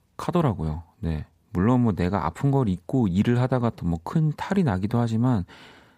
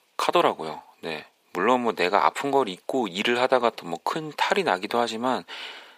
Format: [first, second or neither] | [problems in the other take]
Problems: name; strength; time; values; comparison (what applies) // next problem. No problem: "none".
first | thin; very; fading below 450 Hz